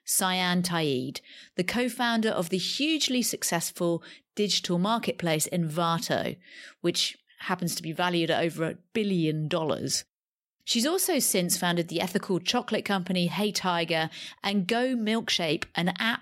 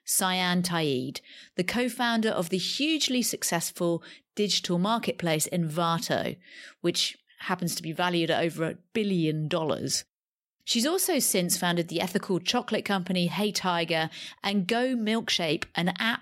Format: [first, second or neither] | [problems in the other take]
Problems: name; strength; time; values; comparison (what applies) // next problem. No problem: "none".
neither | none